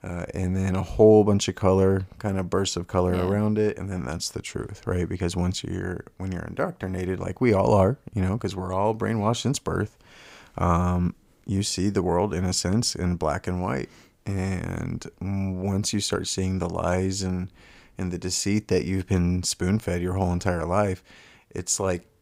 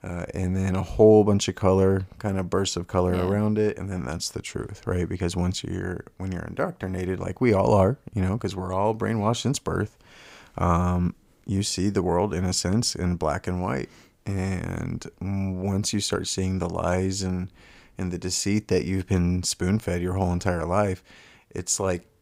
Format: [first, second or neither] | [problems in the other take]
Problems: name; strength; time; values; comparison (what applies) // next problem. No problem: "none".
neither | none